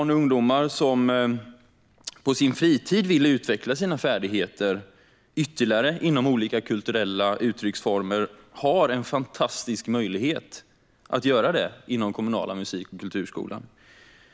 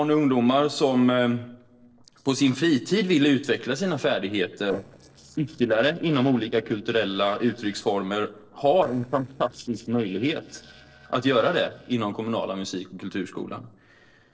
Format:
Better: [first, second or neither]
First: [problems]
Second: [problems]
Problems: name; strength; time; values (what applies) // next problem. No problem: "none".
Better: first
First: none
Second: noise reduction (neural separator model SepFormer DNS4)